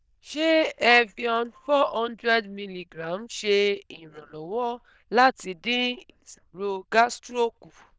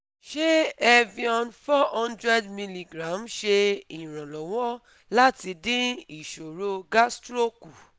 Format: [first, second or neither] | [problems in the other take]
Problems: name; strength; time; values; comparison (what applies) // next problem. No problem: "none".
second | noise reduction (neural diffusion model UNIVERSE++)